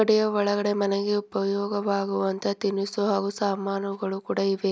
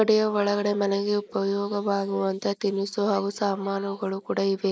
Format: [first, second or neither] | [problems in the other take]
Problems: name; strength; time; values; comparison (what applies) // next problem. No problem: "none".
first | noise reduction (neural mask model Resemble Enhance denoiser)